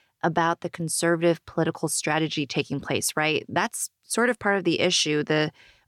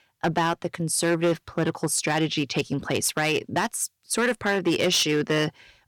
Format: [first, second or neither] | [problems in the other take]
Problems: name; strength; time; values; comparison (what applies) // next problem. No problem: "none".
first | distortion; slight; 6% of the sound clipped